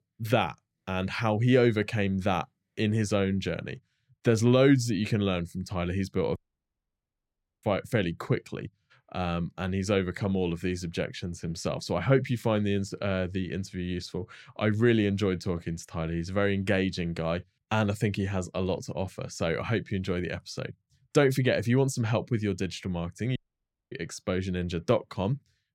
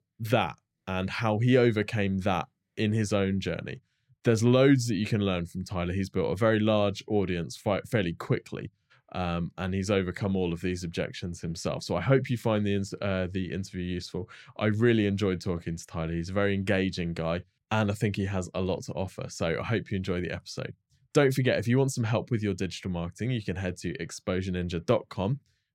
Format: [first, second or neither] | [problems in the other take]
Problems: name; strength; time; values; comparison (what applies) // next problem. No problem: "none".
second | audio cutting out; at 6.5 s for 1.5 s and at 23 s for 0.5 s